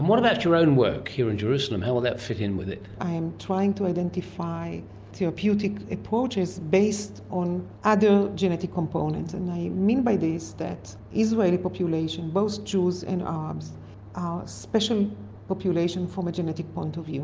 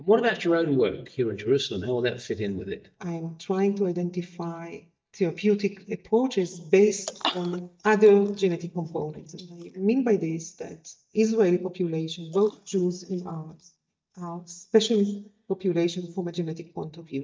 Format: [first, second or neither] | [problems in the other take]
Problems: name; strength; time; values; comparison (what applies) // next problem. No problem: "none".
first | noise reduction (neural mask model DeepFilterNet 3)